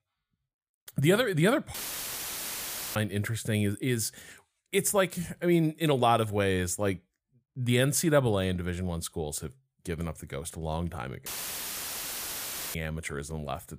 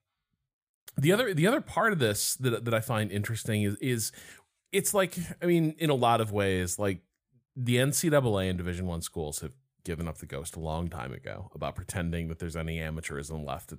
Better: second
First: audio cutting out; filled with static; at 1.5 s for 1 s and at 11 s for 1.5 s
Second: none

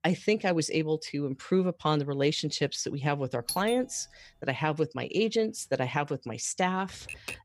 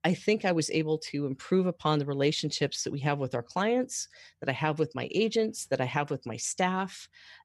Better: second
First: doorbell; noticeable; at 3.5 s; peak 5 dB below the speech // keyboard typing; noticeable; at 7 s; peak 10 dB below the speech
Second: none

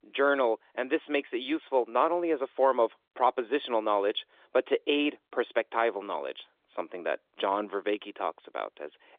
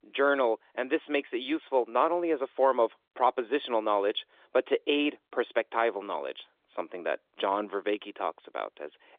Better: neither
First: phone-call audio; nothing above 3.5 kHz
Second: phone-call audio; nothing above 3.5 kHz

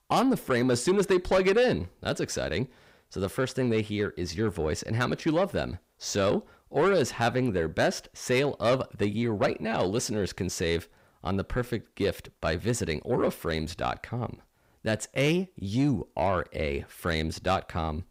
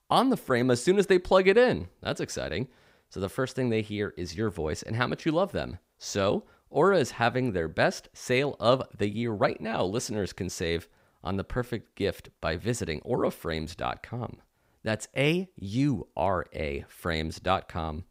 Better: second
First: distortion; slight; 10 dB below the speech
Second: none

